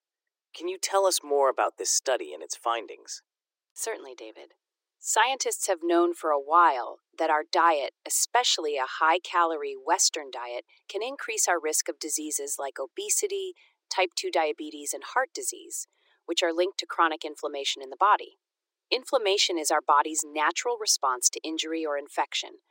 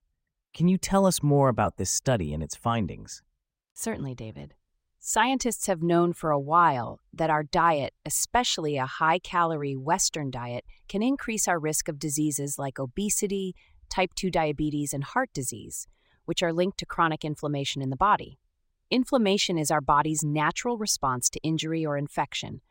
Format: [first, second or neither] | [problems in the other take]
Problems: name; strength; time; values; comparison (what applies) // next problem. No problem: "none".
second | thin; very; fading below 350 Hz